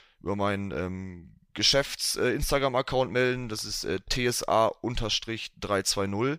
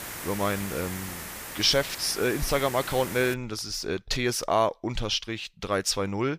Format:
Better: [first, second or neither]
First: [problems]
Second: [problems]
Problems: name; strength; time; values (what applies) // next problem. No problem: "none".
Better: first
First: none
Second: hiss; loud; until 3.5 s; 9 dB below the speech